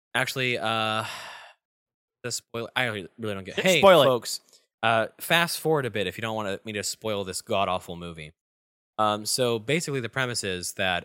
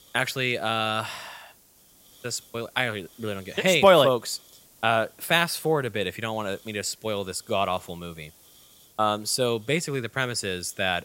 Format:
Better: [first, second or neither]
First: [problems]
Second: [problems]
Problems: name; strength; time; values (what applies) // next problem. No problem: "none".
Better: first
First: none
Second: hiss; faint; throughout; 25 dB below the speech